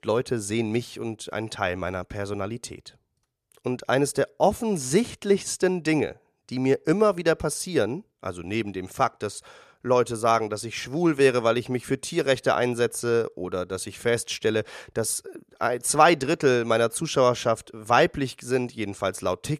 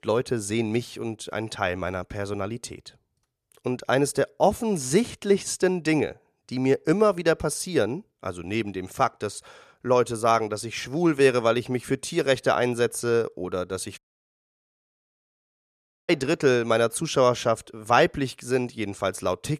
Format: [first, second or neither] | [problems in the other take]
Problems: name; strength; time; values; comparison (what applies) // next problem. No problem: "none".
first | audio cutting out; at 14 s for 2 s